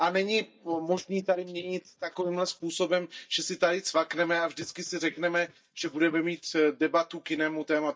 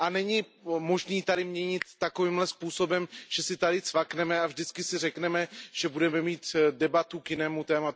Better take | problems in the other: second | noise reduction (neural mask model DeepFilterNet 3)

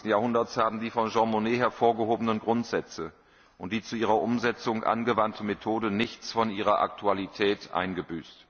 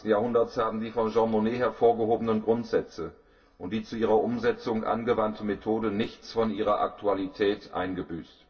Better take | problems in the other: first | room echo; dies away in 0.2 s

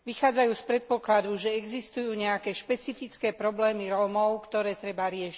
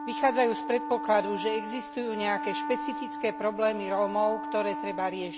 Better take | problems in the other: first | background sound (Wind instrument, woodwind instrument); 6 dB below the speech

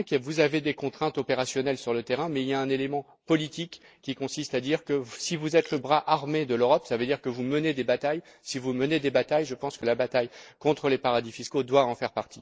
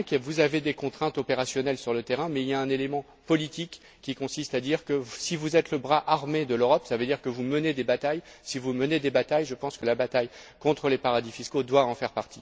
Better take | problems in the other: second | noise reduction (neural mask model Resemble Enhance denoiser)

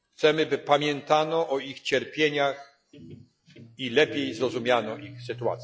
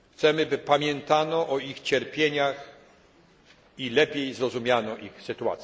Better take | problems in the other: second | noise reduction (classical method log-MMSE)

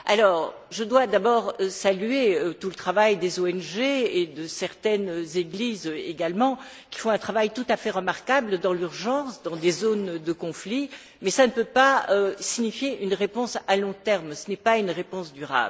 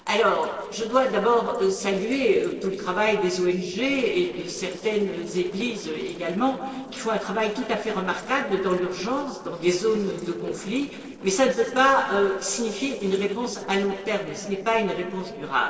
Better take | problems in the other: first | noise reduction (neural separator model SepFormer DNS4)

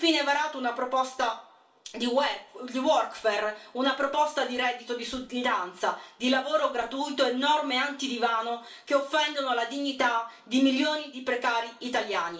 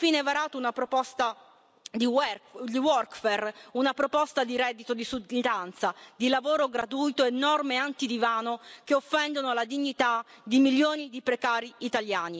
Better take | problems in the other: second | room echo; dies away in 0.3 s

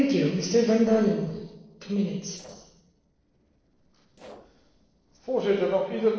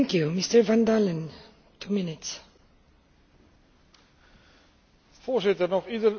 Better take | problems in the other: second | noise reduction (neural separator model SepFormer DNS4)

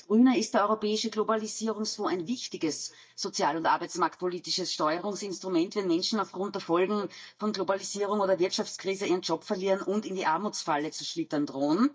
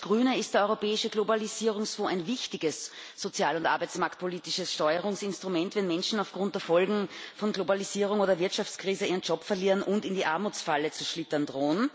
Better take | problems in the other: second | noise reduction (neural mask model DeepFilterNet 3)

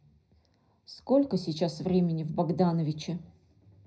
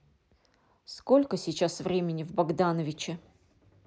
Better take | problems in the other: second | room echo; dies away in 0.5 s

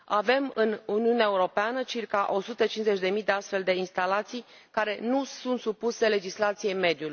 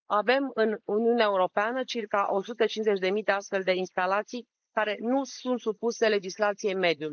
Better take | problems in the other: first | noise reduction (neural mask model Resemble Enhance denoiser)

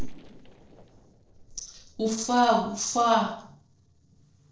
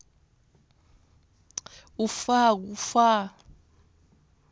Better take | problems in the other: second | noise reduction (neural separator model SepFormer DNS4)

